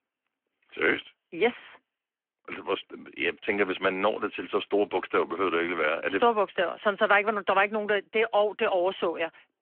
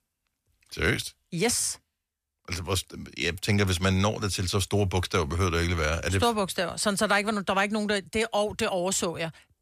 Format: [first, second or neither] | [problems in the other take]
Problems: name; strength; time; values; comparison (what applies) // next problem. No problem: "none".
second | phone-call audio